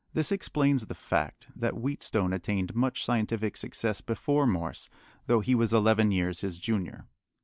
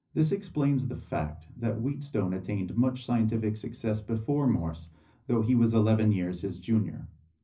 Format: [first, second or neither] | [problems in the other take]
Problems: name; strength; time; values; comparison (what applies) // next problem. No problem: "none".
first | room echo; dies away in 0.4 s